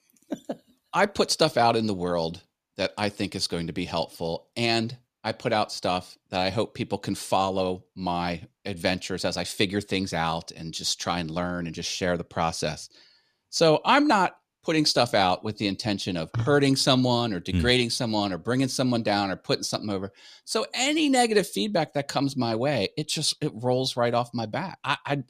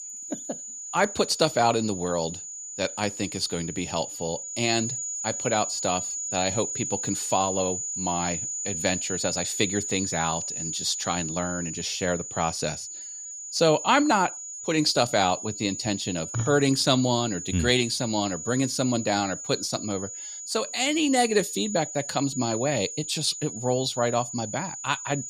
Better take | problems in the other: first | high-pitched whine; loud; throughout; 7 kHz, 6 dB below the speech

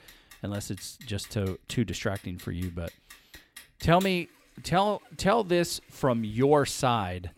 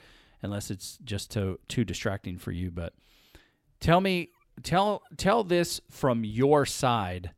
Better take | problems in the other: second | household noises; faint; throughout; 20 dB below the speech

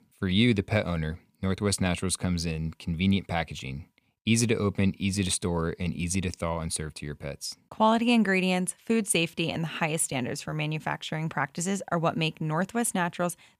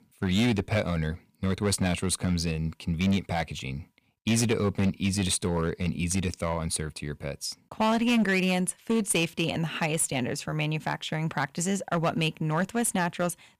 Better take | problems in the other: first | distortion; slight; 6% of the sound clipped

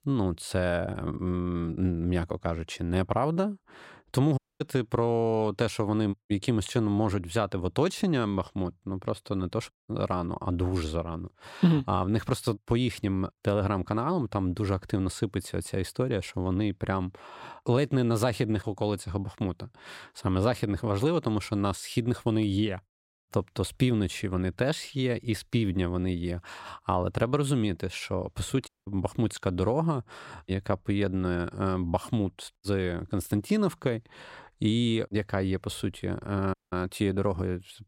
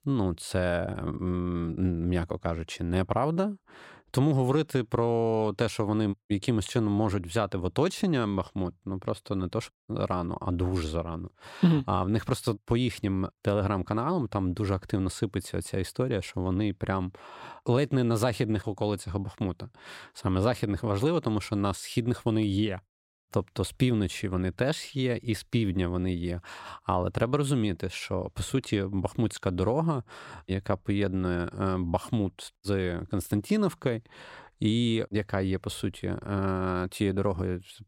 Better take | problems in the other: second | audio cutting out; at 4.5 s, at 29 s and at 37 s

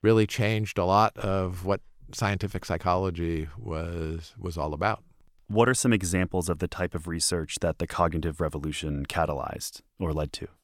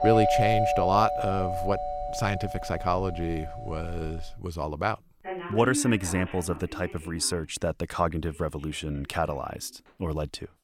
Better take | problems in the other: first | alarms or sirens; loud; throughout; 2 dB below the speech

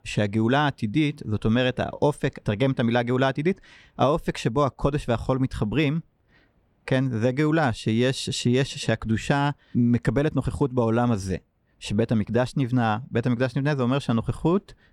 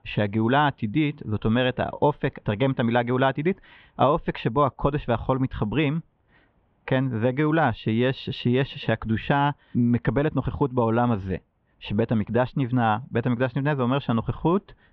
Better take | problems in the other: first | muffled; very; fading above 3.5 kHz

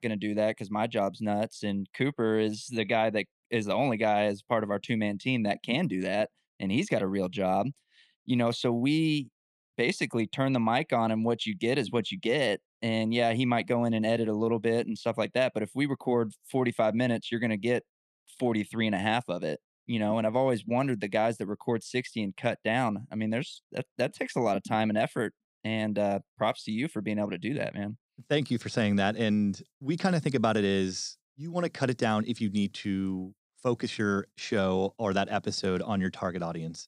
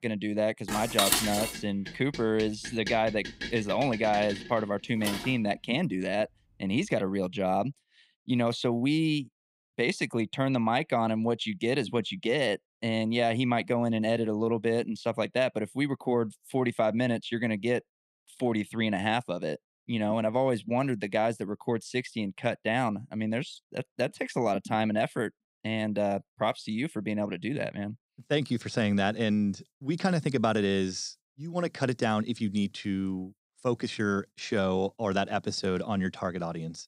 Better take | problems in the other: first | clattering dishes; loud; from 0.5 to 5.5 s; peak 6 dB above the speech

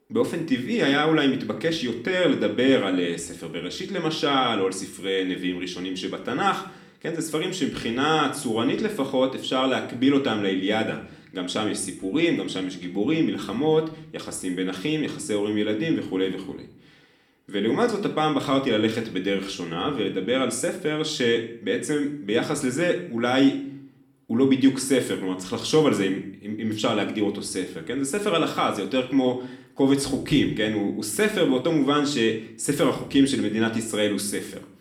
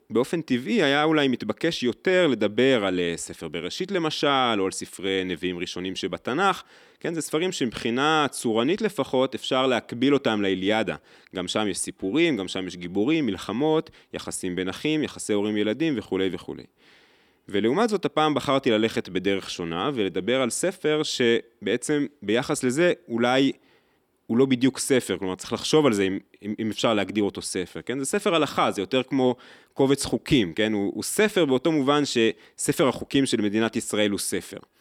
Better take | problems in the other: second | room echo; slight; dies away in 0.6 s // off-mic speech; somewhat distant

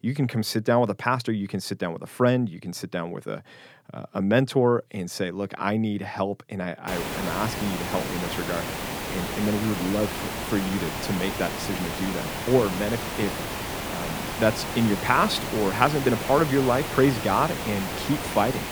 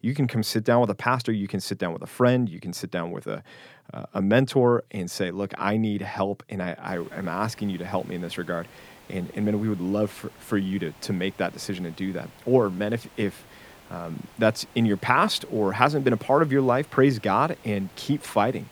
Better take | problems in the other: second | hiss; loud; from 7 s on; 4 dB below the speech; faint in the second

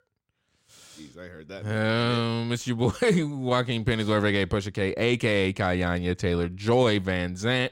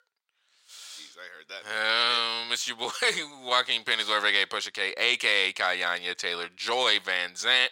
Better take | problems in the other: first | thin; very; fading below 1 kHz

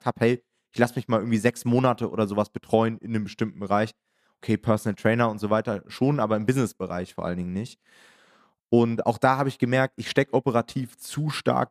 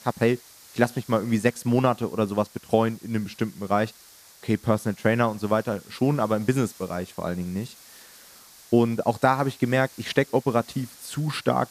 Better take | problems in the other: first | hiss; faint; throughout; 20 dB below the speech

